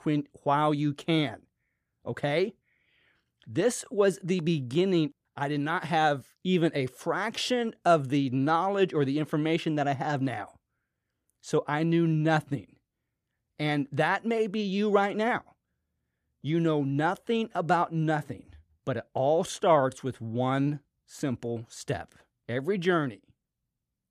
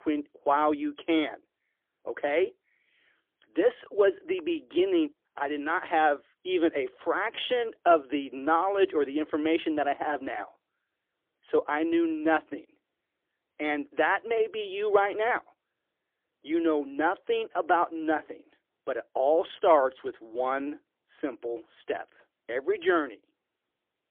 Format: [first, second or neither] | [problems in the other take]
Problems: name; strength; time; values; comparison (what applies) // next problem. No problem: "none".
first | phone-call audio; poor line; nothing above 3.5 kHz